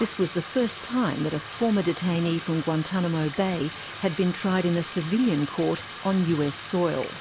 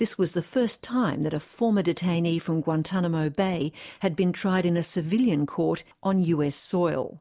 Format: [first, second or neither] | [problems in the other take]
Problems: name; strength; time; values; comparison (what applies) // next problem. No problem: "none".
second | background sound (Bathtub (filling or washing)); 13 dB below the speech